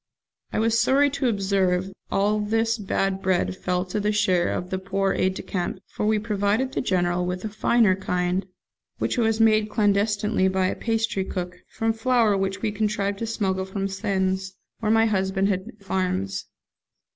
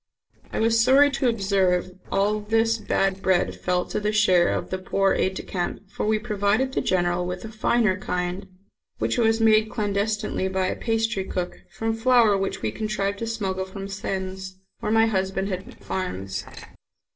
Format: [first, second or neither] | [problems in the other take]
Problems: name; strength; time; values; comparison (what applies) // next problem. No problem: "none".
first | noise reduction (neural separator model SepFormer DNS4)